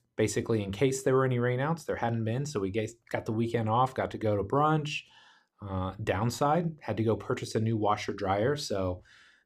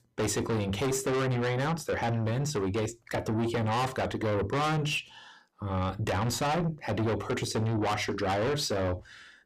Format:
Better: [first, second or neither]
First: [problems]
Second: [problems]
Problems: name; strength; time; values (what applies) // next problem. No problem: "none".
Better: first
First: none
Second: distortion; heavy; 6 dB below the speech